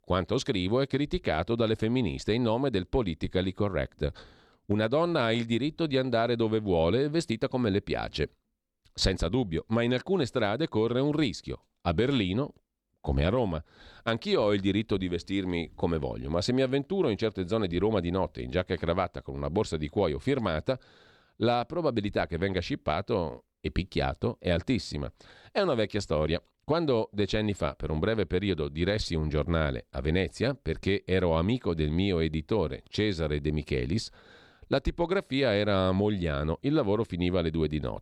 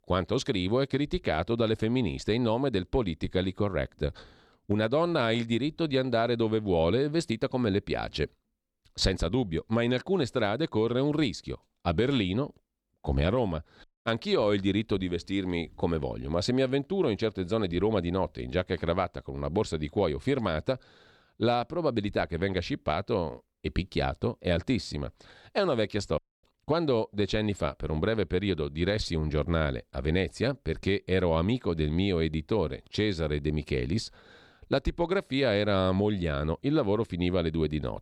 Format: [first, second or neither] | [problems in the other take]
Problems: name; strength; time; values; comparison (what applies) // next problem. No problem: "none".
first | audio cutting out; at 14 s and at 26 s